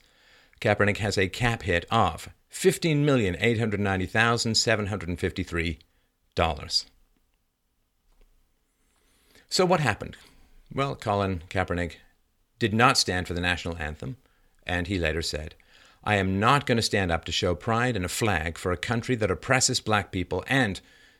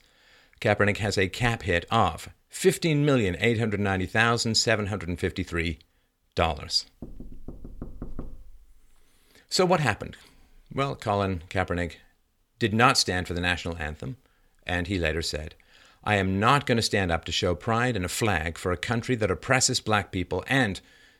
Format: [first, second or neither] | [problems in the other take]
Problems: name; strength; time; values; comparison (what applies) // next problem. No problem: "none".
first | door banging; faint; from 7 to 9 s; peak 15 dB below the speech